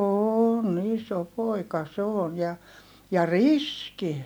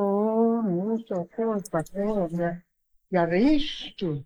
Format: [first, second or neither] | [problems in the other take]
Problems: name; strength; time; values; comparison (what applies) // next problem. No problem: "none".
first | noise reduction (neural mask model Resemble Enhance denoiser)